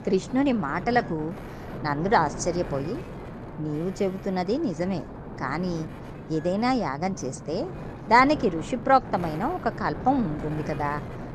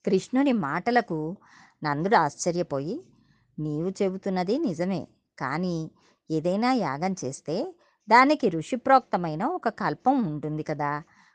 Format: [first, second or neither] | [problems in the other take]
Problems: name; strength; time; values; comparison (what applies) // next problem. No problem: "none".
second | wind noise on the microphone; occasional gusts; 15 dB below the speech